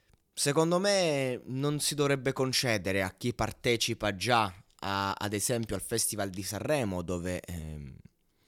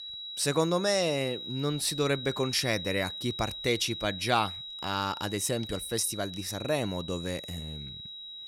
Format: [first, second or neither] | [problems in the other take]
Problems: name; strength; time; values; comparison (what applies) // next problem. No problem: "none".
first | high-pitched whine; loud; throughout; 4 kHz, 8 dB below the speech